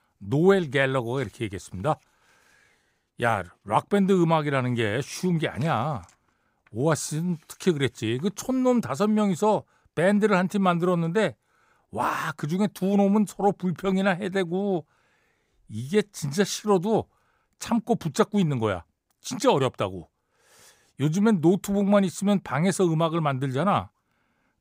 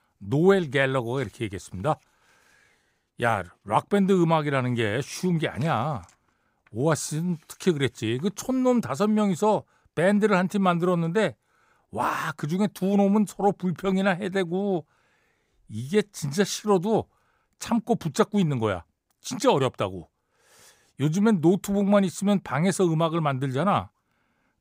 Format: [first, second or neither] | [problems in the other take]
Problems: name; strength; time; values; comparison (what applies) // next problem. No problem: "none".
neither | none